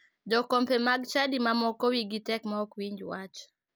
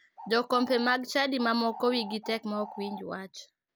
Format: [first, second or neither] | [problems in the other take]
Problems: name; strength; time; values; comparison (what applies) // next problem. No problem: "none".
first | background sound (Bird); 15 dB below the speech